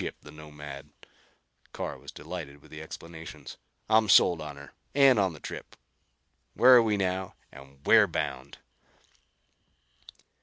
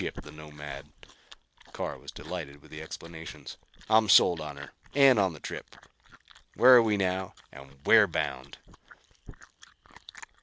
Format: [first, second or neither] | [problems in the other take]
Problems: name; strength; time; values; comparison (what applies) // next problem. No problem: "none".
first | background sound (Chewing, mastication); 20 dB below the speech